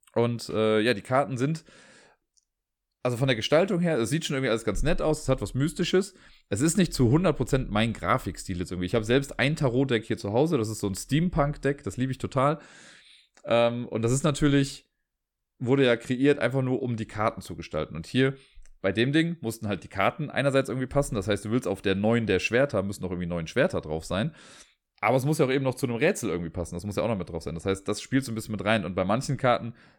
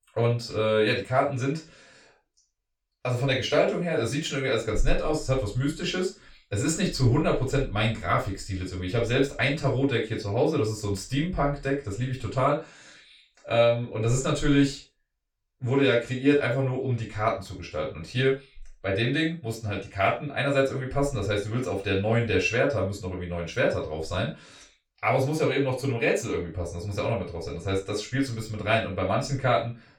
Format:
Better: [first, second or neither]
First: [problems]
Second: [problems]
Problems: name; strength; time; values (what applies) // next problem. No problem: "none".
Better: first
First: none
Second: room echo; slight; dies away in 0.3 s // off-mic speech; far